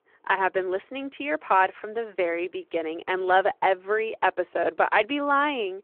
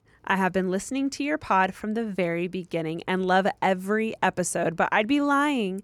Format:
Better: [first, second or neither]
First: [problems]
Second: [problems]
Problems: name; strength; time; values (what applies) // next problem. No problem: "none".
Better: second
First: phone-call audio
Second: none